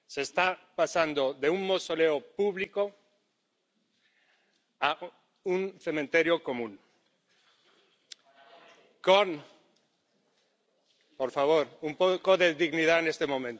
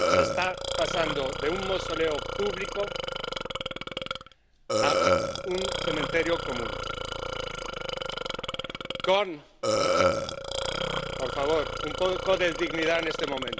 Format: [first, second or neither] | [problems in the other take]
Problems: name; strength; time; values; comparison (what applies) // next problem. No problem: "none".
first | background sound (Burping, eructation); 1 dB above the speech